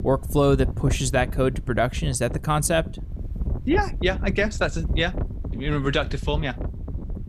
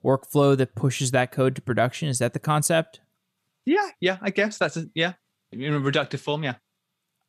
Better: second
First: wind noise on the microphone; occasional gusts; 15 dB below the speech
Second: none

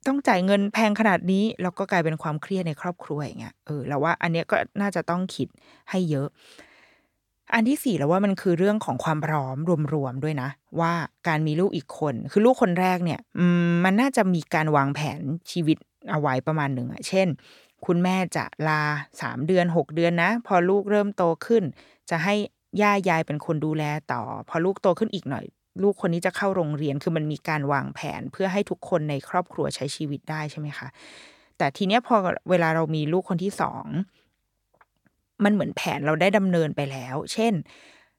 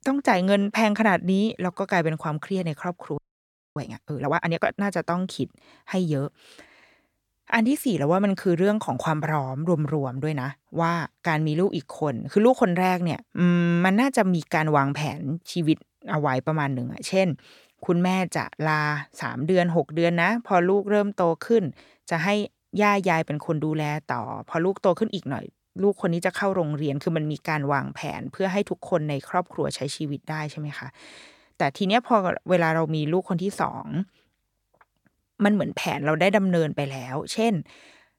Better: first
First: none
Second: audio freezing; at 3 s for 0.5 s

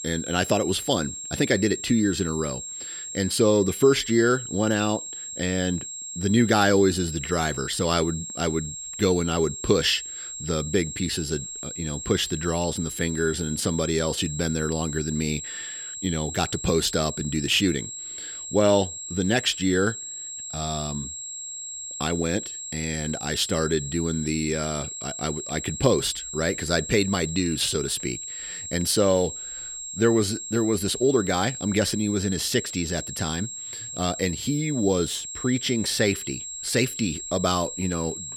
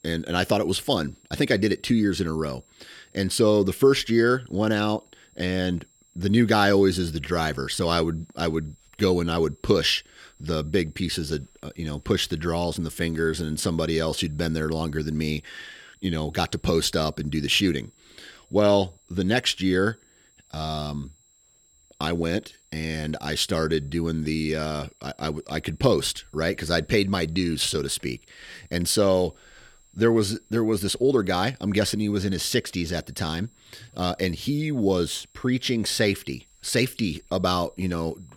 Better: second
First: high-pitched whine; loud; throughout; 7.5 kHz, 8 dB below the speech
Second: high-pitched whine; faint; throughout; 7.5 kHz, 35 dB below the speech

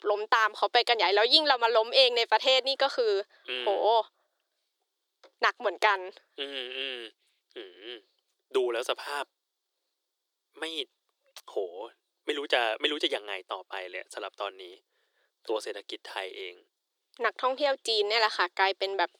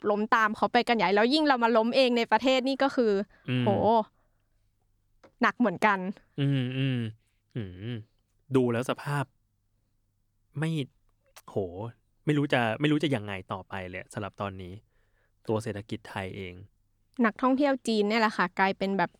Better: second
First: thin; very; fading below 350 Hz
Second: none

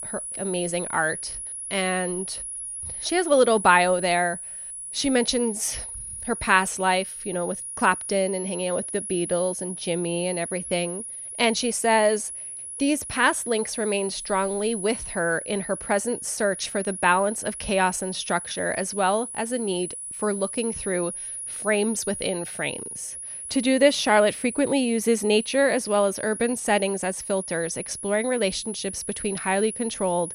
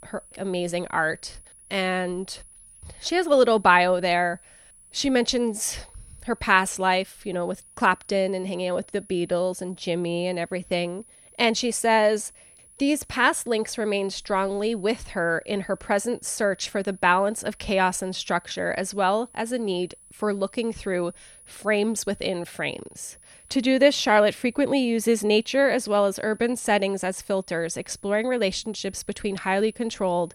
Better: second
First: high-pitched whine; loud; throughout; 10.5 kHz, 8 dB below the speech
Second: high-pitched whine; faint; throughout; 10.5 kHz, 25 dB below the speech

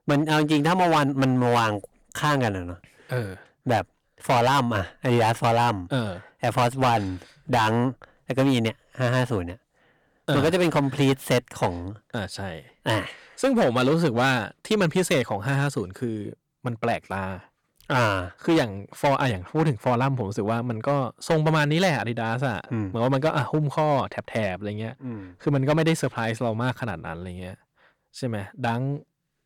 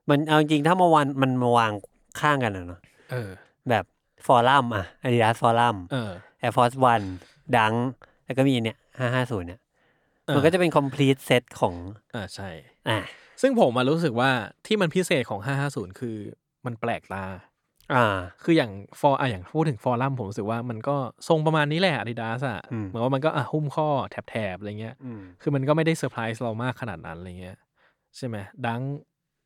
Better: second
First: distortion; heavy; 7% of the sound clipped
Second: none

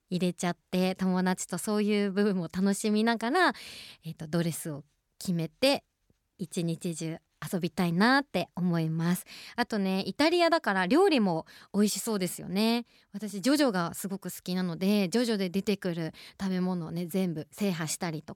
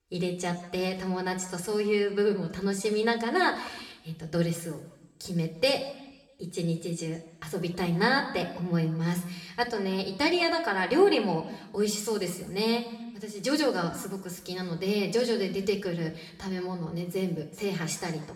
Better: first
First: none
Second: room echo; slight; dies away in 0.9 s // off-mic speech; somewhat distant

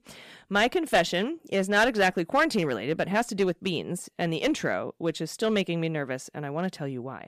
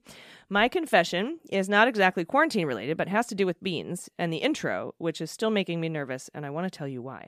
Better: second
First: distortion; slight; 3% of the sound clipped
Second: none

